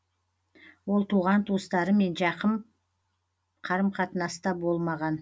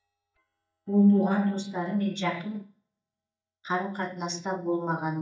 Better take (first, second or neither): first